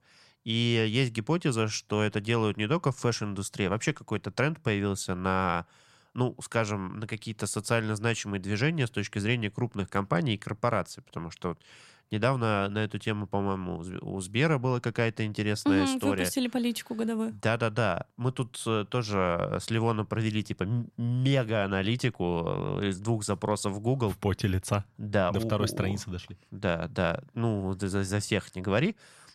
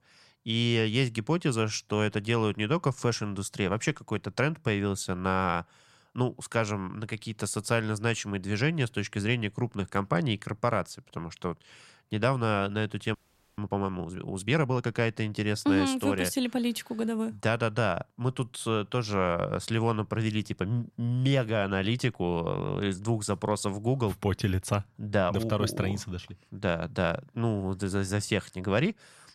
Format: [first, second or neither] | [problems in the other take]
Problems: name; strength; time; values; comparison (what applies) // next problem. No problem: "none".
first | audio freezing; at 13 s